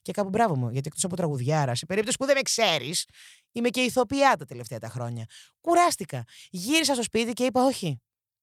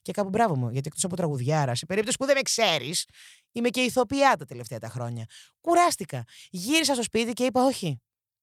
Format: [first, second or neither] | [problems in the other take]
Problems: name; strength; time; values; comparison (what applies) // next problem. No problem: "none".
neither | none